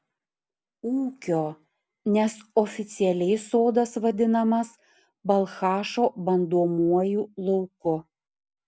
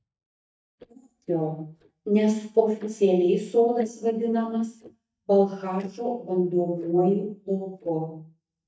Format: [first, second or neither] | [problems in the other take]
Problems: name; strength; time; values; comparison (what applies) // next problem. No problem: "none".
first | noise reduction (neural mask model DeepFilterNet 3)